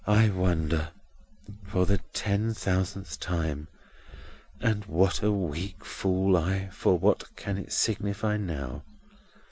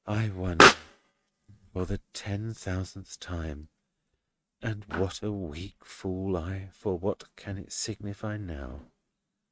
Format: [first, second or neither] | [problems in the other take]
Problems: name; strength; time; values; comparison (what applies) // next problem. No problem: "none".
first | noise reduction (neural mask model RNNoise)